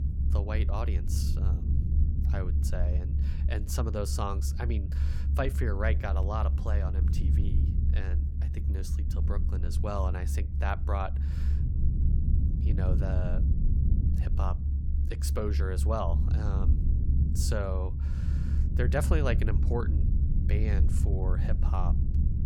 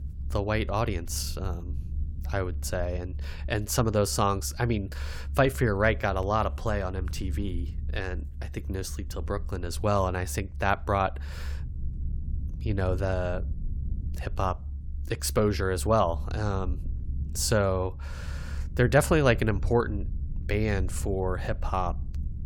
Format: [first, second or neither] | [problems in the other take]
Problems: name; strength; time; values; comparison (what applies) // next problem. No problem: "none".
second | low rumble; loud; throughout; 7 dB below the speech; faint in the second